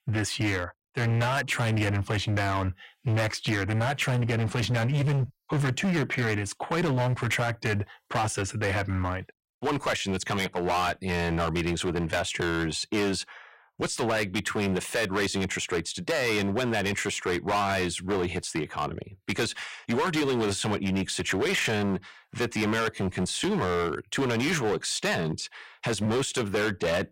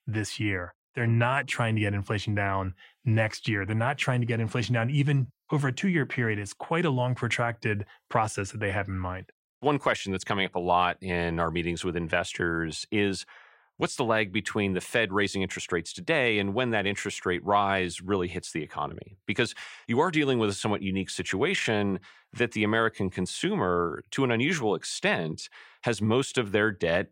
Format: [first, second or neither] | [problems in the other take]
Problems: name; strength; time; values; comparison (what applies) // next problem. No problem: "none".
second | distortion; heavy; 18% of the sound clipped